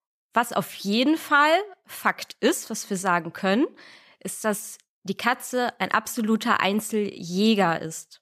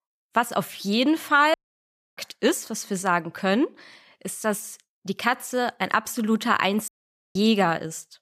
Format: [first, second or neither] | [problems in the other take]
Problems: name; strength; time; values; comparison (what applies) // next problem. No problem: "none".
first | audio cutting out; at 1.5 s for 0.5 s and at 7 s